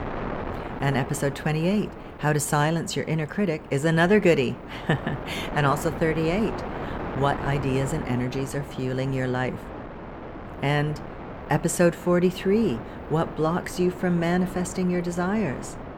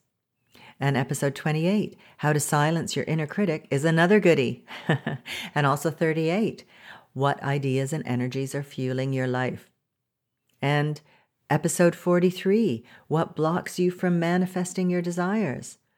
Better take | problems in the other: second | wind noise on the microphone; occasional gusts; 10 dB below the speech

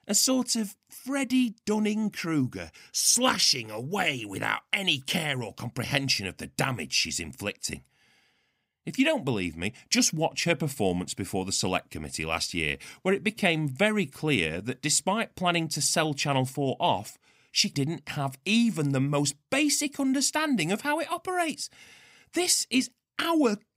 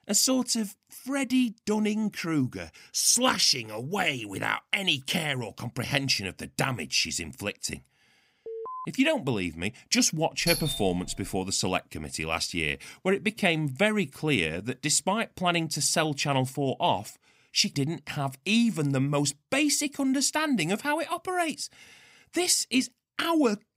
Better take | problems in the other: first | alarm; faint; at 8.5 s; peak 10 dB below the speech // doorbell; noticeable; at 10 s; peak 2 dB below the speech

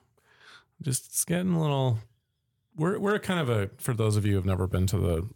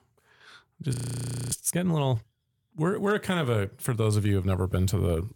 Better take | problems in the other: first | audio freezing; at 1 s for 0.5 s

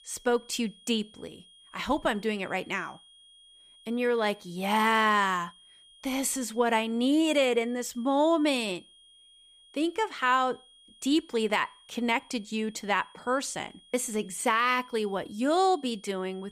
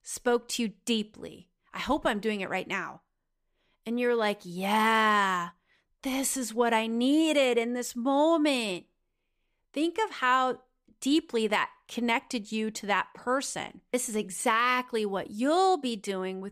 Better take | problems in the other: second | high-pitched whine; faint; throughout; 3.5 kHz, 25 dB below the speech

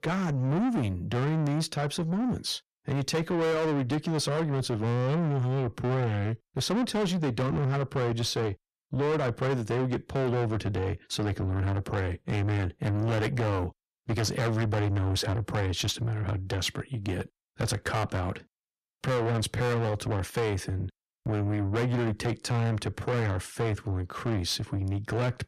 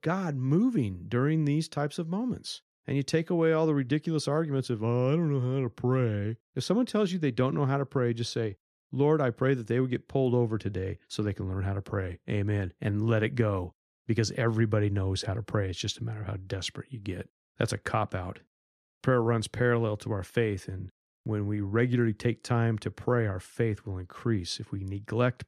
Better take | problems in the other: second | distortion; heavy; 6 dB below the speech

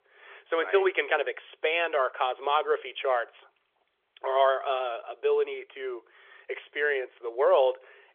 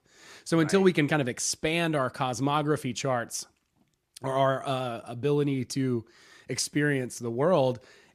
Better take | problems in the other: second | phone-call audio; nothing above 3.5 kHz

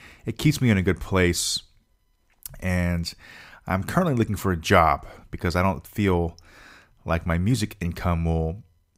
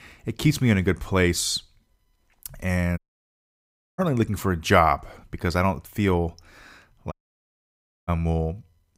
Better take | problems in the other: first | audio cutting out; at 3 s for 1 s and at 7 s for 1 s

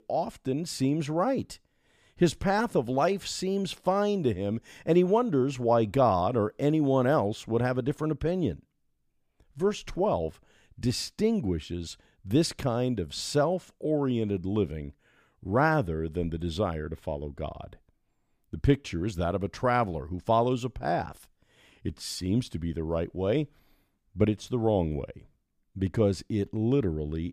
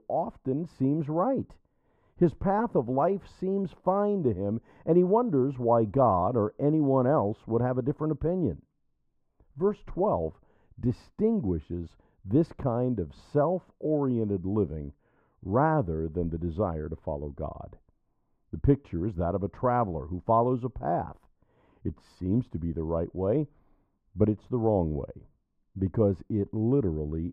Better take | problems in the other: first | muffled; very; fading above 2 kHz

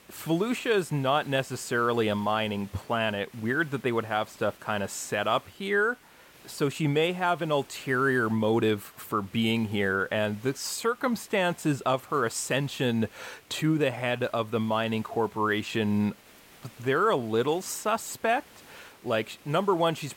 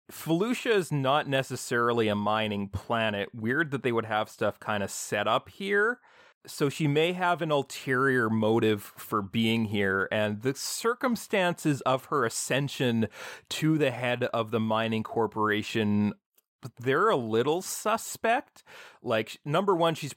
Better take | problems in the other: second | hiss; faint; throughout; 25 dB below the speech

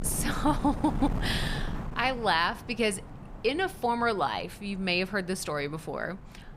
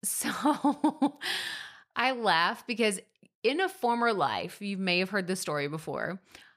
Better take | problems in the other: second | wind noise on the microphone; occasional gusts; 15 dB below the speech

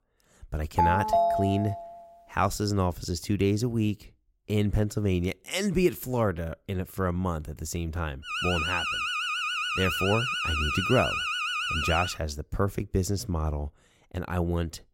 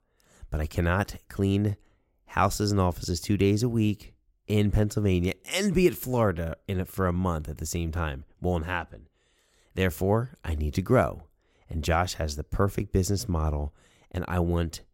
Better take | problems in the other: second | phone ringing; loud; from 1 to 2 s; peak 5 dB above the speech // alarm; loud; from 8 to 12 s; peak 2 dB above the speech

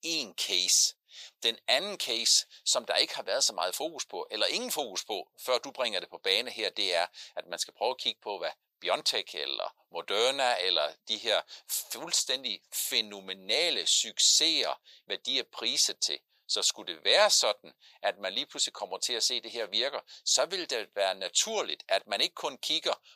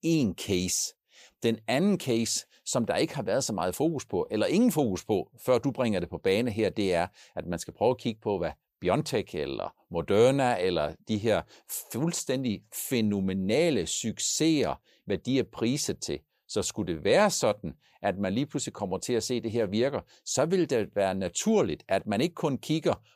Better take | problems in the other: second | thin; very; fading below 800 Hz

